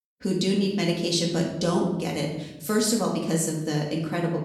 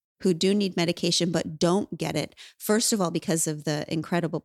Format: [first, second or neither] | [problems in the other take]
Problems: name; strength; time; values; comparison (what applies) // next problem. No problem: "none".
second | room echo; noticeable; dies away in 1 s // off-mic speech; far